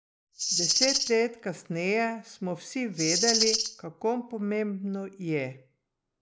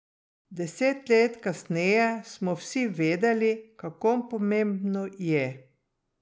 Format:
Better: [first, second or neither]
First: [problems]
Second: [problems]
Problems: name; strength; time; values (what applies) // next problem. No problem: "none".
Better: second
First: background sound (Rattle (instrument)); 3 dB above the speech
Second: none